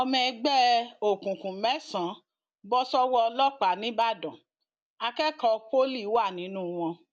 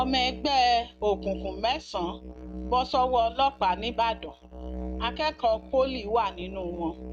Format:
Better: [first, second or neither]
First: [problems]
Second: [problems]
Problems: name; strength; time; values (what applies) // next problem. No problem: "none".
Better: first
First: none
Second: noise reduction (neural mask model RNNoise)